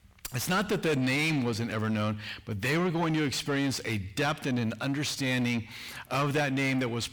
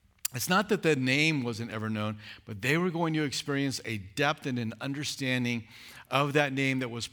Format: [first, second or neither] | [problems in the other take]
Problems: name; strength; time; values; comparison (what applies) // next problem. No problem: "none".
second | distortion; heavy; 7 dB below the speech